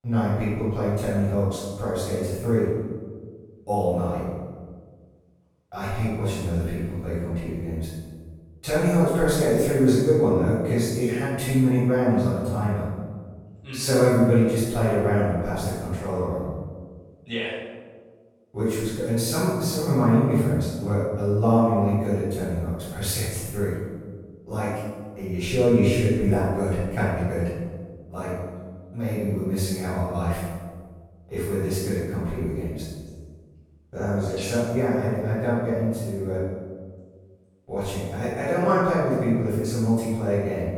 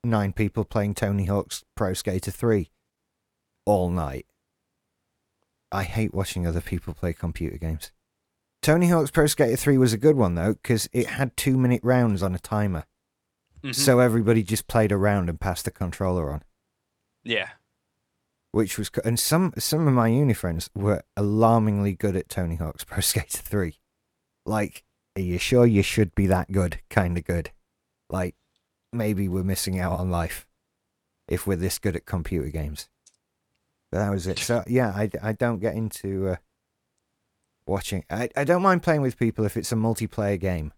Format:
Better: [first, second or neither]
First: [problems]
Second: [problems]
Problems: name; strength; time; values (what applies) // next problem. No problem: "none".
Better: second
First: off-mic speech; far // room echo; strong; dies away in 1.3 s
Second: none